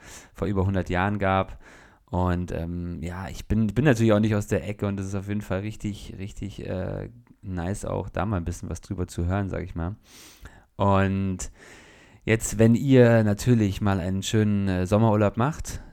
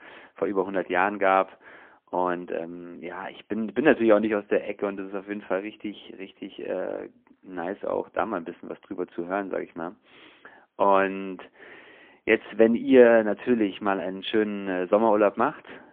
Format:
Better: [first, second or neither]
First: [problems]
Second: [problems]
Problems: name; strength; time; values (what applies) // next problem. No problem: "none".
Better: first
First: none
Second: phone-call audio; poor line; nothing above 3.5 kHz